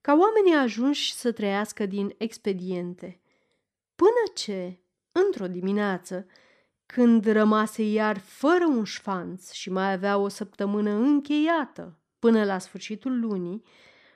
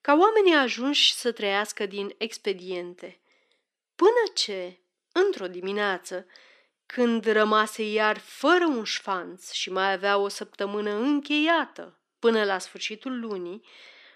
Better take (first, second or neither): first